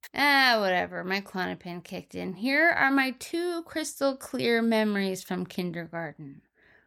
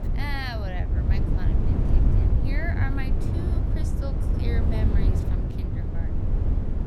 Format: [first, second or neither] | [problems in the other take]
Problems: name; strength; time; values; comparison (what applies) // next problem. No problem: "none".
first | wind noise on the microphone; heavy; 1 dB below the speech